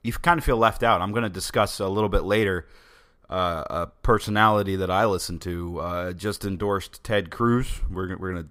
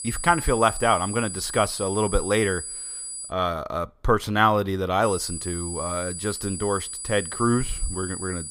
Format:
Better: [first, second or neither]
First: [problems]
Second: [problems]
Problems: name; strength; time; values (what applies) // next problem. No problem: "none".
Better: first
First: none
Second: high-pitched whine; loud; until 3.5 s and from 5 s on; 9.5 kHz, 7 dB below the speech